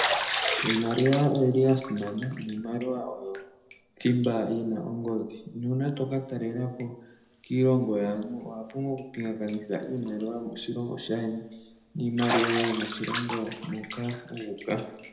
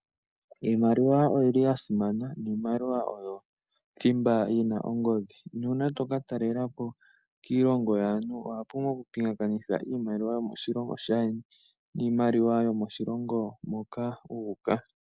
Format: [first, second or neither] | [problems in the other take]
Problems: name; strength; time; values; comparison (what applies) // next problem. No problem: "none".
second | background sound (Bathtub (filling or washing)); 8 dB below the speech // room echo; dies away in 0.8 s